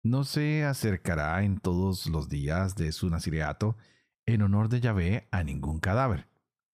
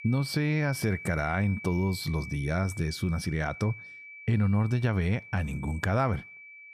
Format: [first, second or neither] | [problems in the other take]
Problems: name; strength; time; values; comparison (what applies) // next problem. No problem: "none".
first | high-pitched whine; noticeable; throughout; 2.5 kHz, 15 dB below the speech